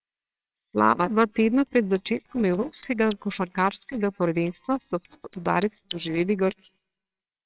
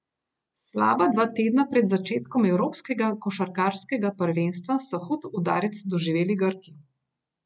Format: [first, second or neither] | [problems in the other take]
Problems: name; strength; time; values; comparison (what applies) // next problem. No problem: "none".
second | noise reduction (neural separator model SepFormer WHAMR!)